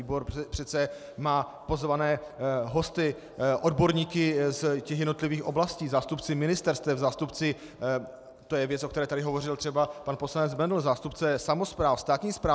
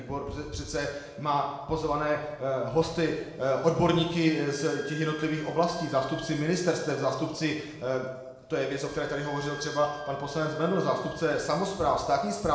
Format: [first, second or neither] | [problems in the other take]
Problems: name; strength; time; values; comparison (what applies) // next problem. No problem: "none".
first | background sound (Wind instrument, woodwind instrument); 17 dB below the speech // room echo; dies away in 0.9 s